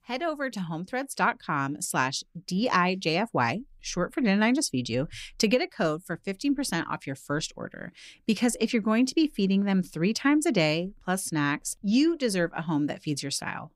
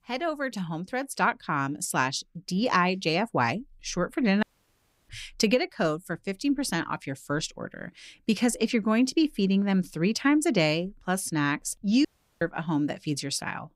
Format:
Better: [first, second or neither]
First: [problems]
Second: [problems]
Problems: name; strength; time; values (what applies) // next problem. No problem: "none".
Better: first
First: none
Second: audio cutting out; at 4.5 s for 0.5 s and at 12 s